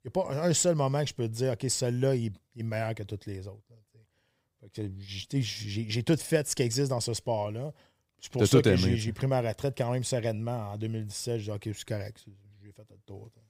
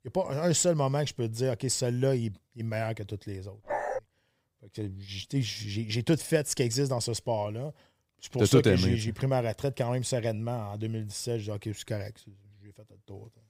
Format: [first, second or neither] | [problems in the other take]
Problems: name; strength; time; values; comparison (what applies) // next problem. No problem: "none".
first | dog barking; noticeable; at 3.5 s; peak 3 dB below the speech